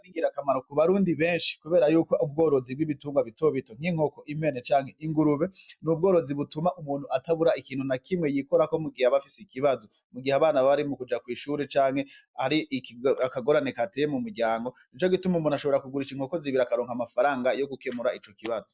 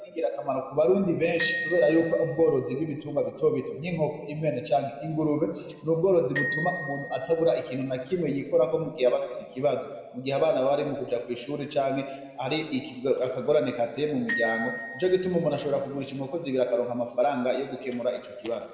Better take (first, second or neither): first